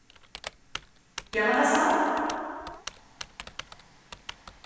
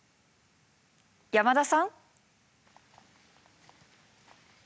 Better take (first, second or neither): second